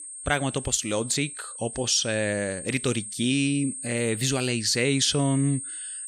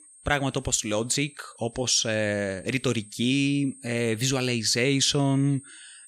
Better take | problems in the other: second | high-pitched whine; loud; throughout; 8.5 kHz, 9 dB below the speech; faint in the second

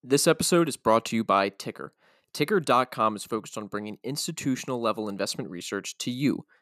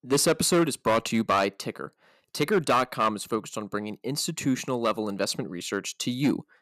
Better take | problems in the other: first | distortion; slight; 4% of the sound clipped

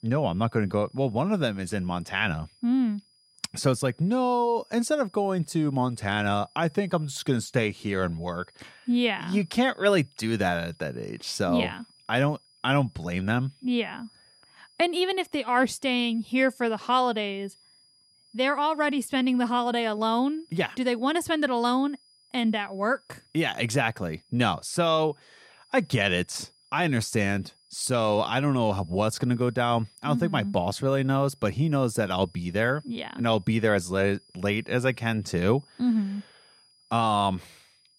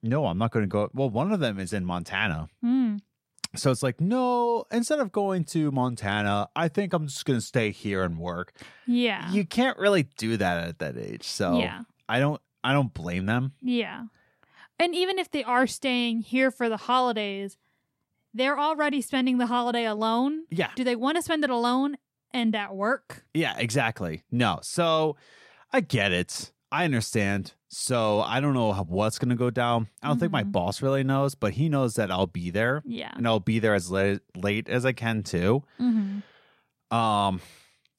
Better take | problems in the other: second | high-pitched whine; faint; throughout; 5 kHz, 30 dB below the speech

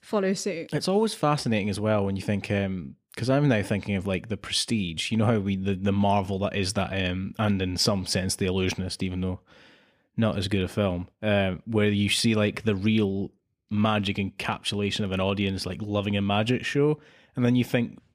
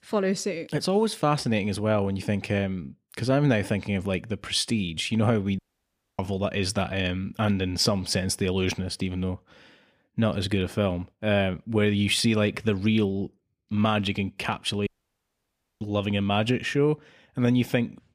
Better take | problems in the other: first | audio cutting out; at 5.5 s for 0.5 s and at 15 s for 1 s

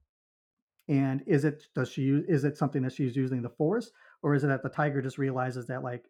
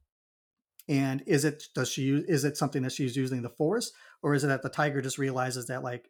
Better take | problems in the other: second | muffled; slightly; fading above 3 kHz

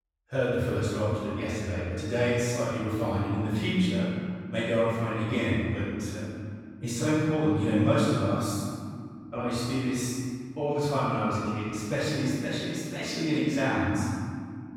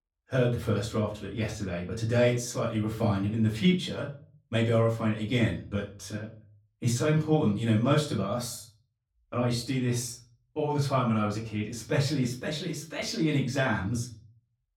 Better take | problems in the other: second | room echo; strong; dies away in 2.2 s; slight in the second // off-mic speech; far; far in the second

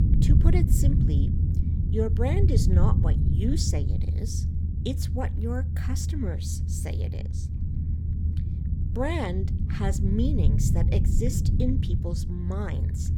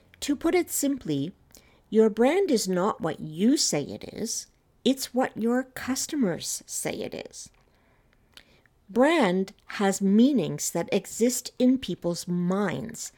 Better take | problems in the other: second | low rumble; loud; throughout; 4 dB below the speech

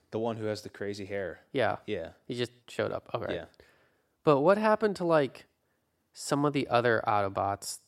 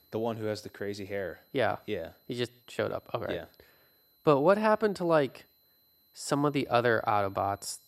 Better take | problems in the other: first | high-pitched whine; faint; throughout; 4 kHz, 35 dB below the speech

